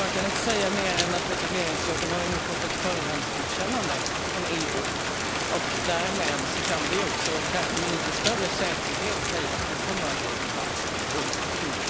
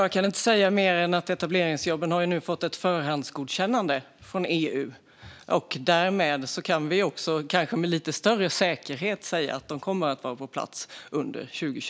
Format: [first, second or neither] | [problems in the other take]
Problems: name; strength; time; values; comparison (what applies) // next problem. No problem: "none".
second | background sound (Rain); 4 dB above the speech